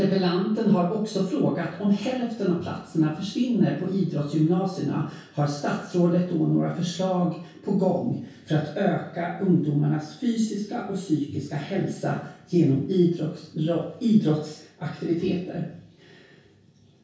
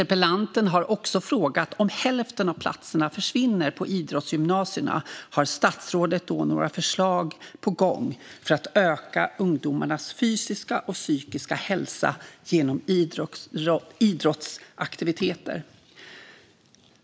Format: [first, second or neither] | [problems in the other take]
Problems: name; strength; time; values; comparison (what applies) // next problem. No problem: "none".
second | room echo; dies away in 0.6 s